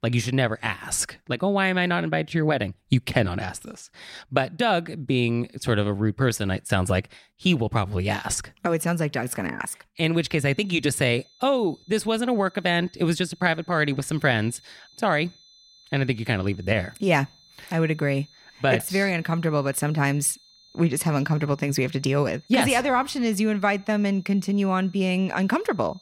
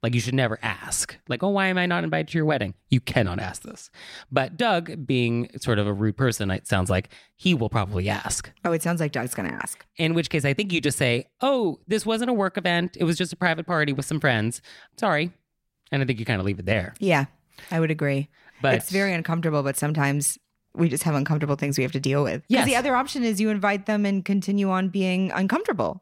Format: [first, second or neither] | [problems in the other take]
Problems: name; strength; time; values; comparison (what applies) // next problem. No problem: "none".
second | high-pitched whine; faint; from 10 s on; 4 kHz, 30 dB below the speech